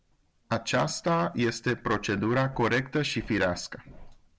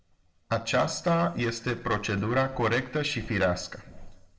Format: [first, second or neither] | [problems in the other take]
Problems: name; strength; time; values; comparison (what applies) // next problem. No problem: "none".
first | room echo; dies away in 1 s